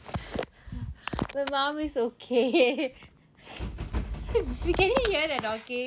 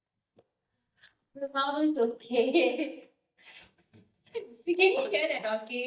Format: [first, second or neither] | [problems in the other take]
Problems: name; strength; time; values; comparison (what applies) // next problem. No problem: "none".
first | noise reduction (neural mask model DeepFilterNet 3)